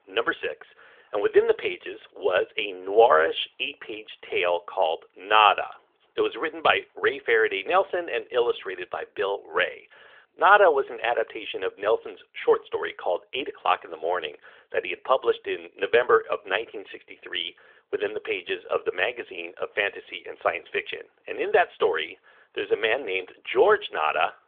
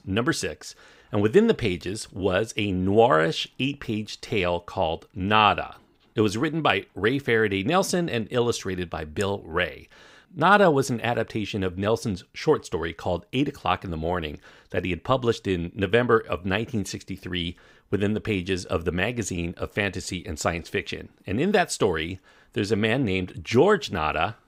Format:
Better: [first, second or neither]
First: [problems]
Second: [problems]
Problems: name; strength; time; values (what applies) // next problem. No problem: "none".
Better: second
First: phone-call audio; nothing above 3.5 kHz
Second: none